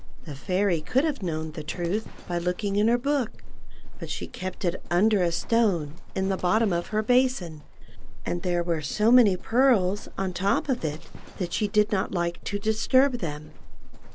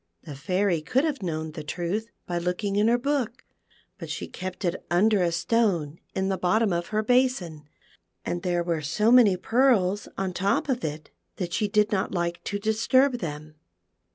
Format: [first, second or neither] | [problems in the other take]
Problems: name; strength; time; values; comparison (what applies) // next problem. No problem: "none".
second | background sound (Livestock, farm animals, working animals); 5 dB below the speech